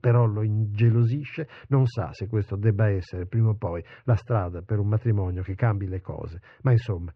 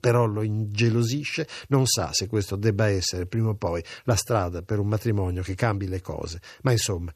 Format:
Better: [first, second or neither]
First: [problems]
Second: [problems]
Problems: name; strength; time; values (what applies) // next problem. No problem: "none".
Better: second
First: muffled; very; fading above 2 kHz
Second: none